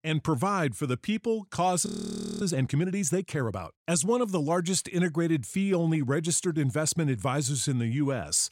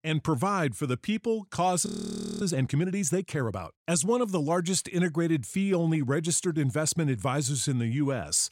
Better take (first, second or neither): neither